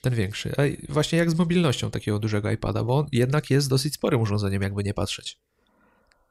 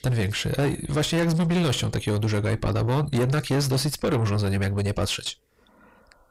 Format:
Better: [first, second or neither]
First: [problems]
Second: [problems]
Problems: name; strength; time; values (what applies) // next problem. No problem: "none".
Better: first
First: none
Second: distortion; heavy; 6 dB below the speech